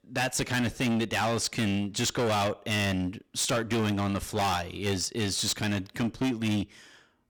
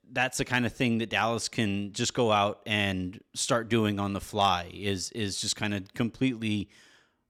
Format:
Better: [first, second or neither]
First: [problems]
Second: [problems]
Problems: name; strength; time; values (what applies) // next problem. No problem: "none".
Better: second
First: distortion; heavy; 19% of the sound clipped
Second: none